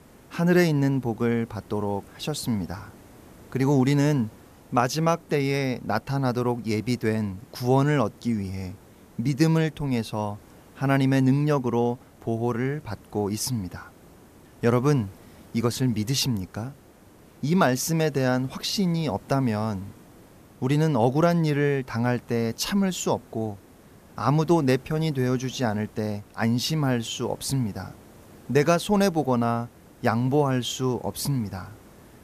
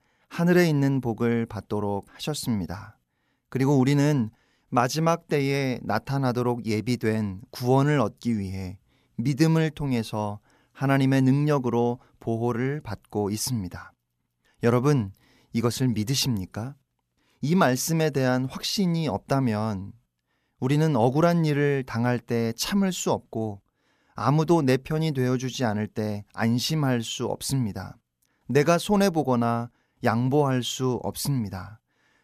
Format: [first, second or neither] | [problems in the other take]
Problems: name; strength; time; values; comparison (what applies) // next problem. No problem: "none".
second | hiss; faint; throughout; 25 dB below the speech